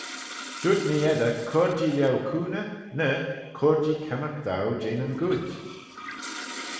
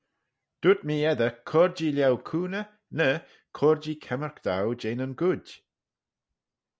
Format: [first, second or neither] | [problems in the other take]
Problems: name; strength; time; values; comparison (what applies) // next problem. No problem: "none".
second | background sound (Toilet flush); 14 dB below the speech // room echo; dies away in 1.2 s